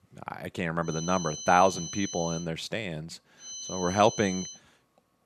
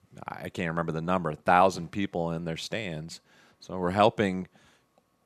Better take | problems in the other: second | high-pitched whine; loud; from 1 to 2.5 s and from 3.5 to 4.5 s; 6 kHz, 9 dB below the speech

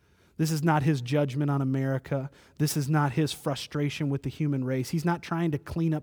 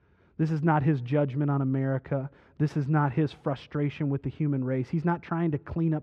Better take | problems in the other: first | muffled; very; fading above 2 kHz

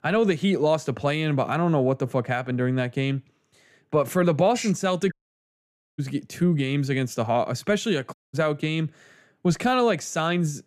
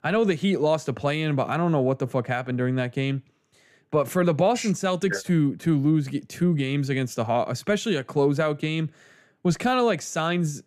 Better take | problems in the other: second | audio cutting out; at 5 s for 1 s and at 8 s

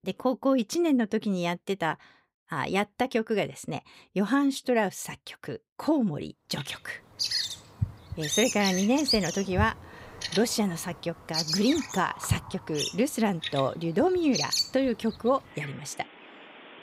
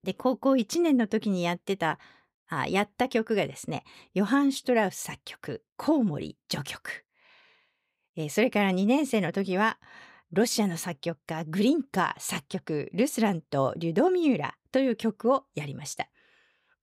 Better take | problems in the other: second | animal sounds; loud; from 7 s on; 3 dB below the speech

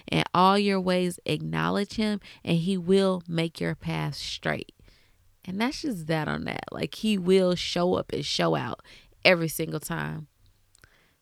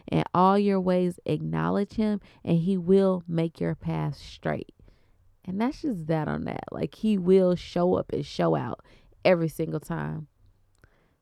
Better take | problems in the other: first | muffled; slightly; fading above 1.5 kHz

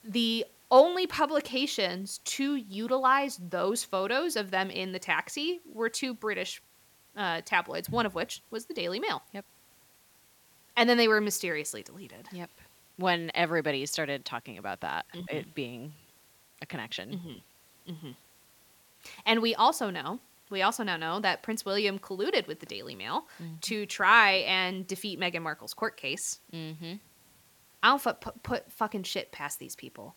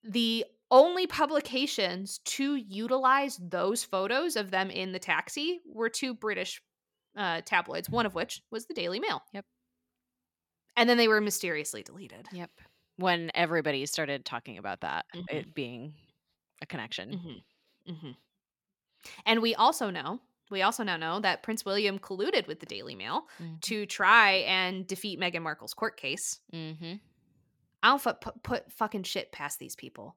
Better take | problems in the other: second | hiss; faint; throughout; 30 dB below the speech

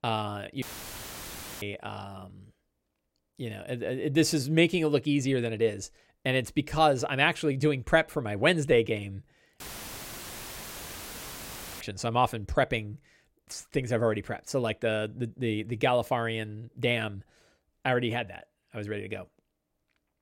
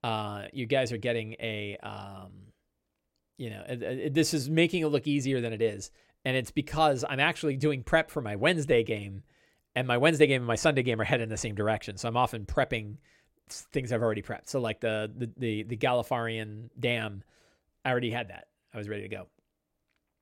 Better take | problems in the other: second | audio cutting out; filled with static; at 0.5 s for 1 s and at 9.5 s for 2 s

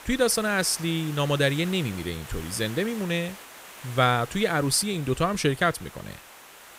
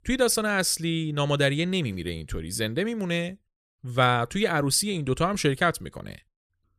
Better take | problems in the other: second | hiss; noticeable; throughout; 15 dB below the speech

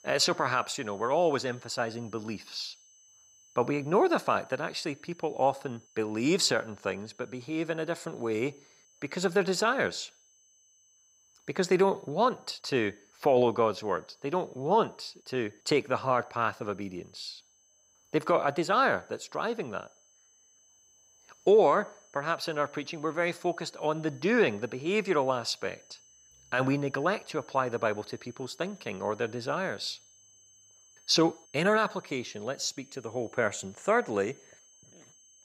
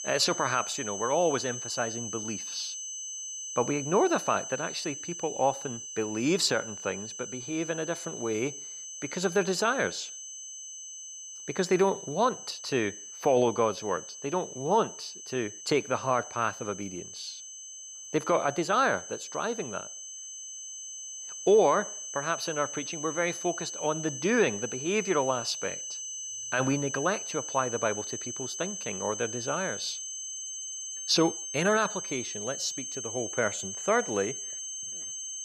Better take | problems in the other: first | high-pitched whine; loud; throughout; 6 kHz, 7 dB below the speech; faint in the first

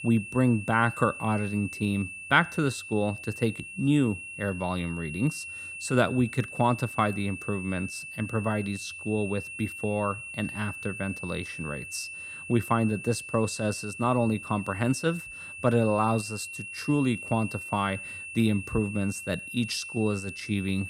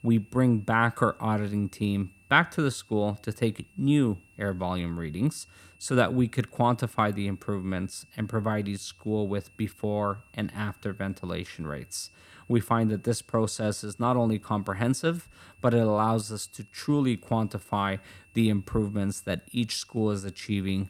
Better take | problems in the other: second | high-pitched whine; loud; throughout; 2.5 kHz, 9 dB below the speech; faint in the second

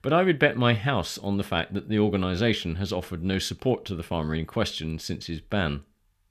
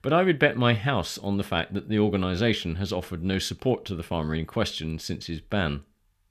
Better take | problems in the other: neither | none

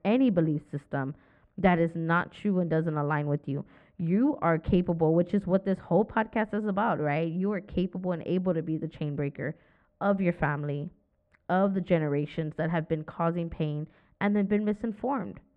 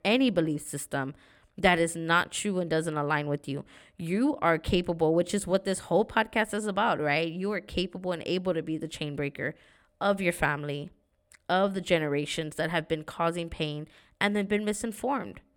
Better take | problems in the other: second | muffled; very; fading above 1.5 kHz

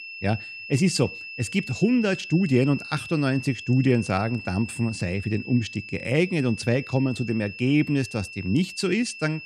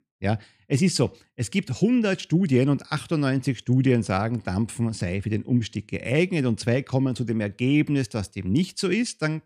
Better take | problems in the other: second | high-pitched whine; noticeable; throughout; 2.5 kHz, 10 dB below the speech

